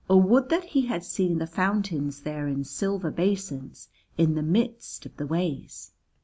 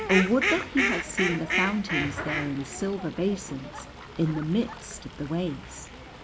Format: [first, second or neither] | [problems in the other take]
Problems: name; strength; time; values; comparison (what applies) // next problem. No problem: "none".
first | background sound (Fowl); 3 dB below the speech